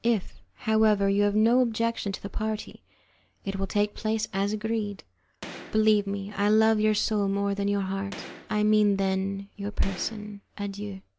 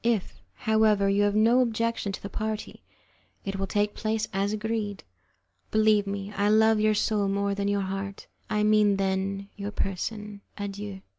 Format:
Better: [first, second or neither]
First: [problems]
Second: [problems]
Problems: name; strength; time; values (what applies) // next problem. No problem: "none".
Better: second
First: background sound (Gunshot, gunfire); 18 dB below the speech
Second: none